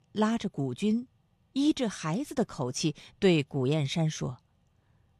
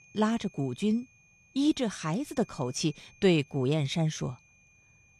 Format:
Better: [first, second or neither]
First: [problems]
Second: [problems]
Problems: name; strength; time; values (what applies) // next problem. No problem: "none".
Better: first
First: none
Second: high-pitched whine; faint; throughout; 2.5 kHz, 30 dB below the speech